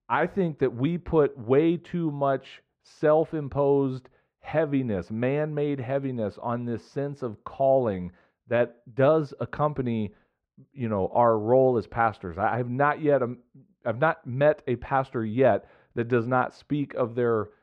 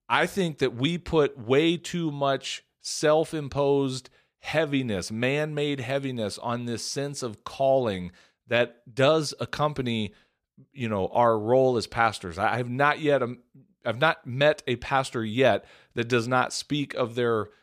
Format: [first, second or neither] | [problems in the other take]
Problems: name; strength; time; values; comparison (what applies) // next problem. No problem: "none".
second | muffled; very; fading above 3 kHz